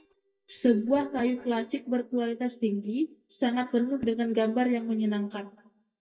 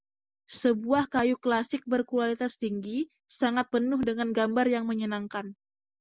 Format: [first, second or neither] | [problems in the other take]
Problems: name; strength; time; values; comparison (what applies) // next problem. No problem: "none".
second | noise reduction (neural mask model DeepFilterNet 3)